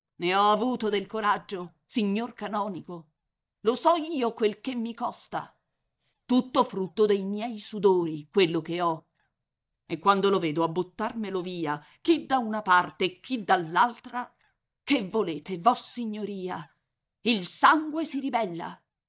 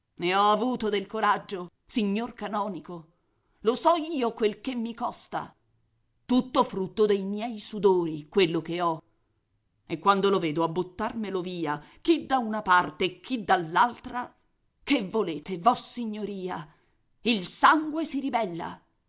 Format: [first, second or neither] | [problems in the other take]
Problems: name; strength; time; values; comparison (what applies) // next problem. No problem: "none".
second | noise reduction (neural mask model DeepFilterNet 3)